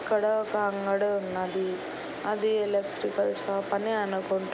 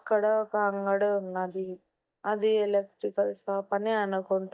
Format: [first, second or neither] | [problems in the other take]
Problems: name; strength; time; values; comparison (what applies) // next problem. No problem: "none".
first | noise reduction (neural mask model DeepFilterNet 3)